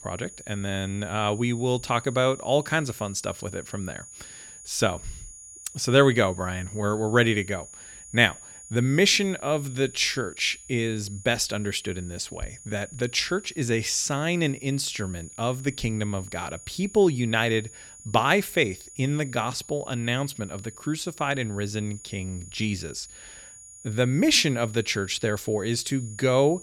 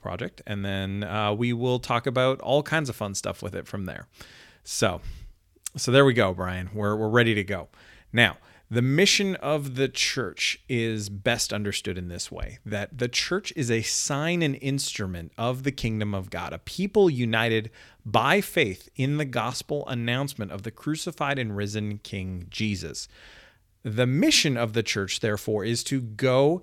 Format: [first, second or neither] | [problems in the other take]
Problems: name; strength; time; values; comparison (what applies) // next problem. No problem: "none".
second | high-pitched whine; noticeable; throughout; 7 kHz, 15 dB below the speech